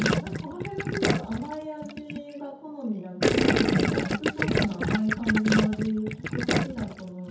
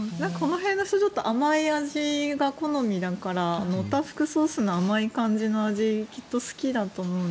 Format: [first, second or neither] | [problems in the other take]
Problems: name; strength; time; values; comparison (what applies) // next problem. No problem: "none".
second | background sound (Gurgling); 4 dB above the speech // room echo; dies away in 0.6 s